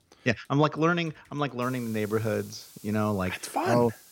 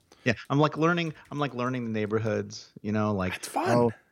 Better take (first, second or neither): second